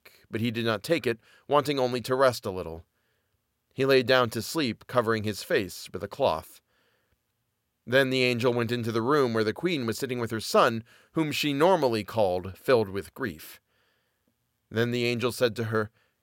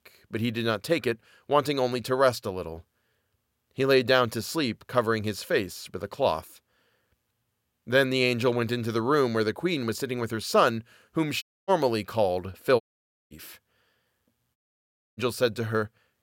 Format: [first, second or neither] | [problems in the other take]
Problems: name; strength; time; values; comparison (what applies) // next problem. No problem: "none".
first | audio cutting out; at 11 s, at 13 s for 0.5 s and at 15 s for 0.5 s